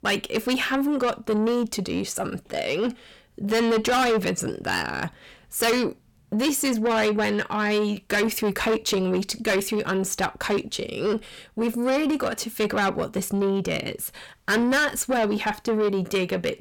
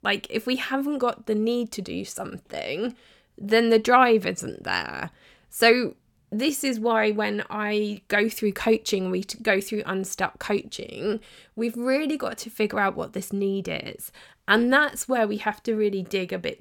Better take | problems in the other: second | distortion; heavy; 6 dB below the speech

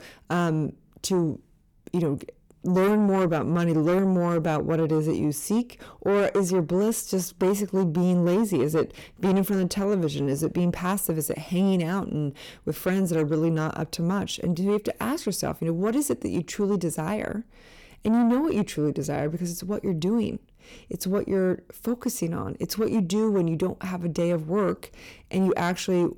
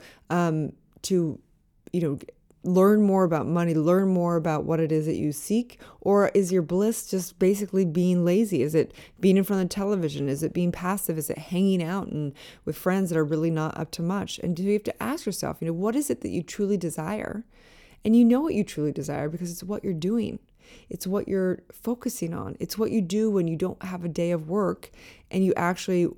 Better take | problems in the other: second | distortion; slight; 10 dB below the speech

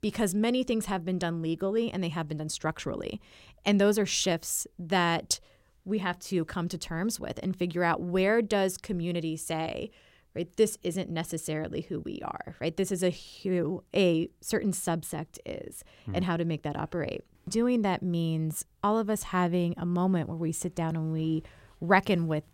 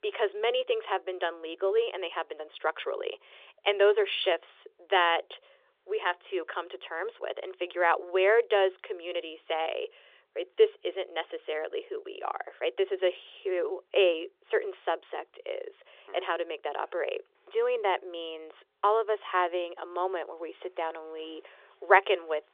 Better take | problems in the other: first | phone-call audio; nothing above 3 kHz

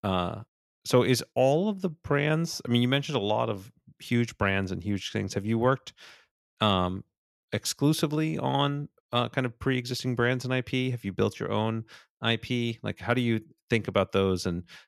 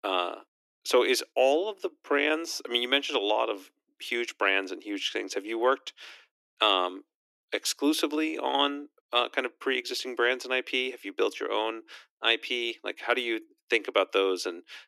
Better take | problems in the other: first | thin; somewhat; fading below 300 Hz

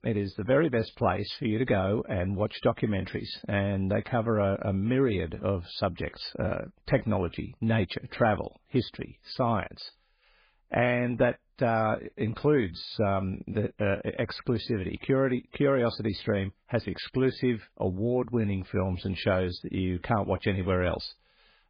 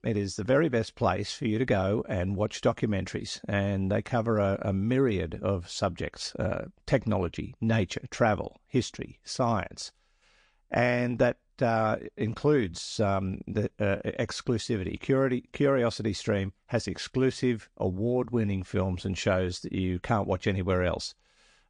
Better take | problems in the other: second | garbled, watery; badly; nothing above 4.5 kHz; slightly in the second

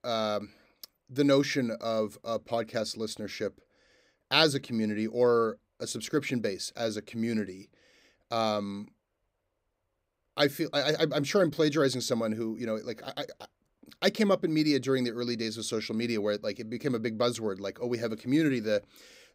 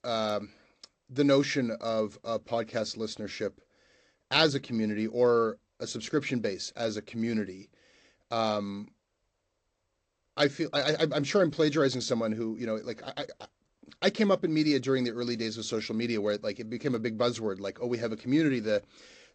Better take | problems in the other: first | garbled, watery; slightly

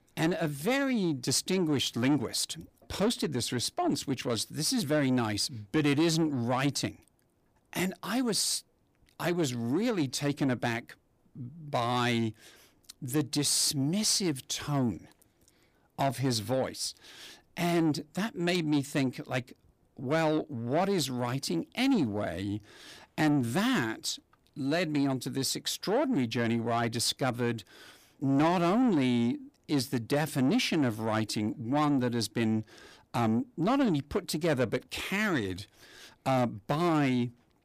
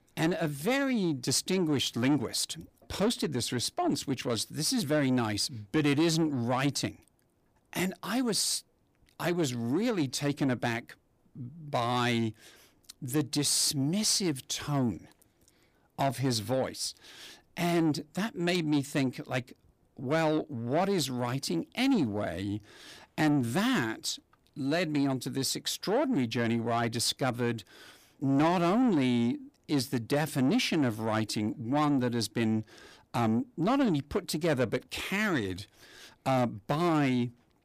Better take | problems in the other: neither | distortion; slight; 10 dB below the speech; the same in both

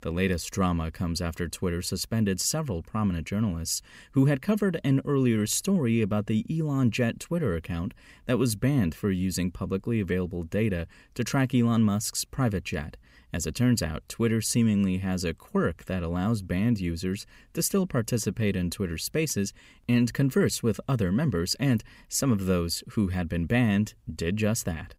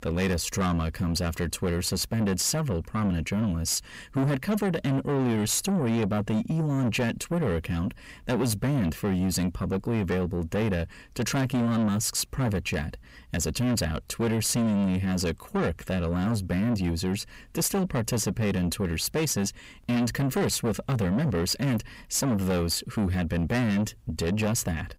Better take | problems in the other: first | distortion; heavy; 8 dB below the speech

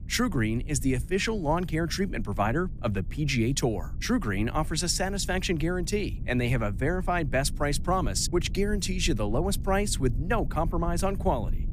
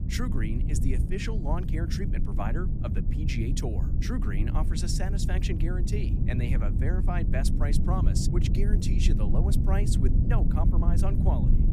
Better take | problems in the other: first | low rumble; loud; throughout; 3 dB below the speech; faint in the first

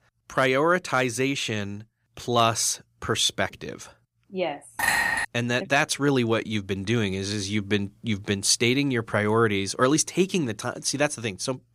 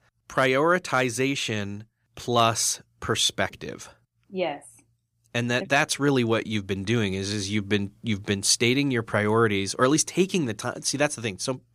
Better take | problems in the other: second | clattering dishes; loud; at 5 s; peak 3 dB above the speech

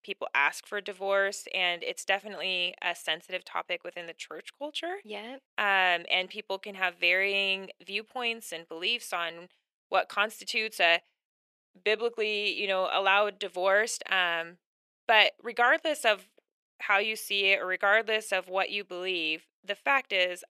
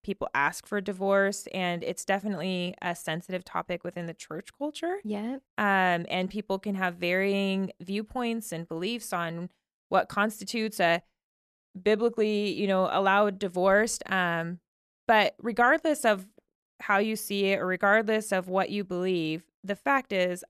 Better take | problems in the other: second | thin; very; fading below 500 Hz

